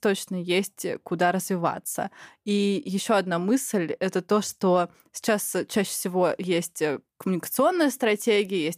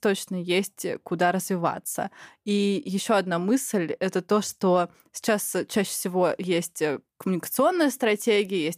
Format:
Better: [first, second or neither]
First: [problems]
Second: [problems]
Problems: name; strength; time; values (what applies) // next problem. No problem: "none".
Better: neither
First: none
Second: none